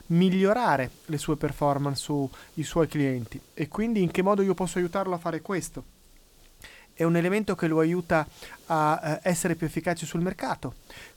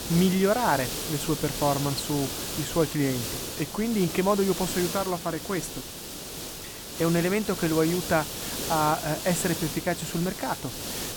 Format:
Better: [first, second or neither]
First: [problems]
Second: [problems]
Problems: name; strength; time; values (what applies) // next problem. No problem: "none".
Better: first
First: hiss; faint; throughout; 30 dB below the speech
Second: hiss; loud; throughout; 5 dB below the speech